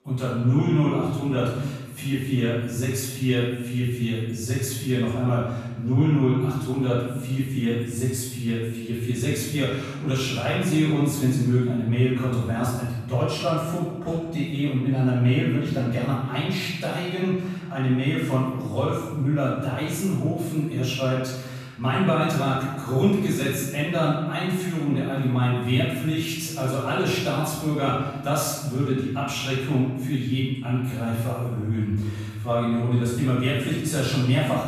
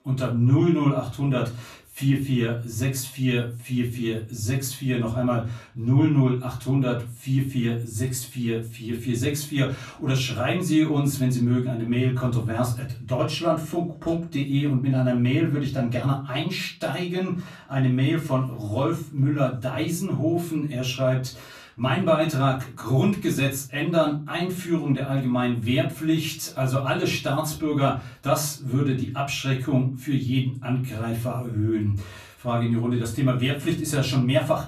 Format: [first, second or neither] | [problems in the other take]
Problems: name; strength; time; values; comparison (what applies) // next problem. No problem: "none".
second | room echo; strong; dies away in 1.2 s; slight in the second // off-mic speech; far; far in the second